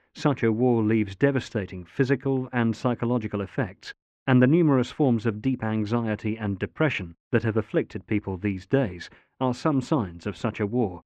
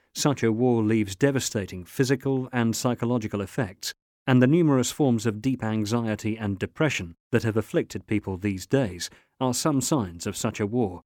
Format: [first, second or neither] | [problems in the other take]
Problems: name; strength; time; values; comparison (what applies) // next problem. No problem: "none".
second | muffled; very; fading above 2.5 kHz